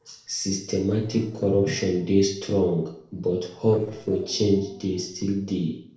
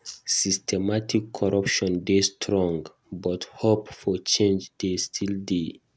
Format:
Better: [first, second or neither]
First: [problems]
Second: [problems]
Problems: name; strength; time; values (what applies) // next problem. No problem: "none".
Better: second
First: noise reduction (neural separator model SepFormer DNS4)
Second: none